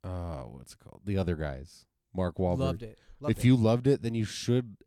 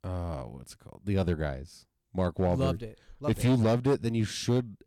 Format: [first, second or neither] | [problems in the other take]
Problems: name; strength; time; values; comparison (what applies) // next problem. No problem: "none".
first | distortion; slight; 5% of the sound clipped